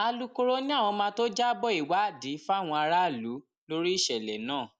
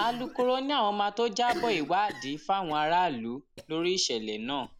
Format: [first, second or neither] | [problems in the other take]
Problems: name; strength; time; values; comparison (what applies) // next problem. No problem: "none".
first | background sound (Cough); 16 dB below the speech